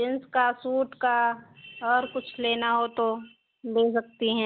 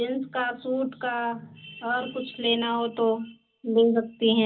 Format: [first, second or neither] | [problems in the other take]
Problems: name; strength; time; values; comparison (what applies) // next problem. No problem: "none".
first | room echo; dies away in 0.4 s